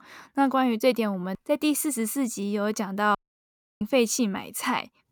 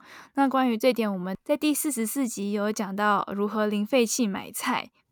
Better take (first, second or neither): second